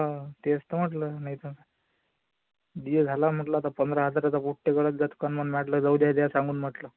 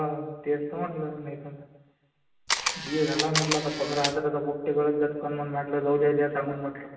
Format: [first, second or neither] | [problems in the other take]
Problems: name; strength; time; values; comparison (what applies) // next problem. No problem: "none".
first | background sound (Camera); 2 dB below the speech // room echo; dies away in 1 s